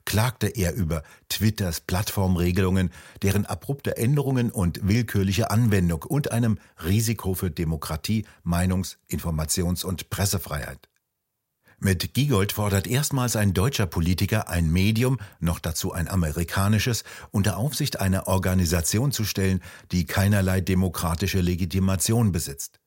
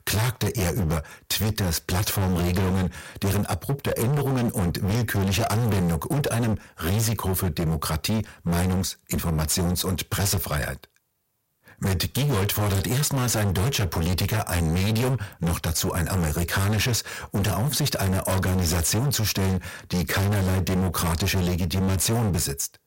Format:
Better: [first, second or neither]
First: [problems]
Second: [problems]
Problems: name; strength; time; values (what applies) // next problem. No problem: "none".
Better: first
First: none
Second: distortion; heavy; 32% of the sound clipped